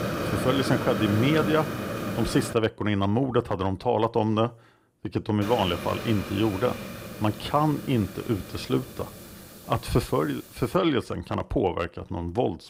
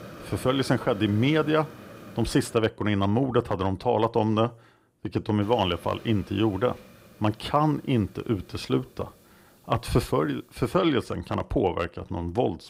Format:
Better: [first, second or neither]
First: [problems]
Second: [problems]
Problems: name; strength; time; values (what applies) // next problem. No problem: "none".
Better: second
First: hiss; loud; until 2.5 s and from 5.5 to 11 s; 7 dB below the speech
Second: hiss; faint; until 2.5 s and from 5.5 to 11 s; 20 dB below the speech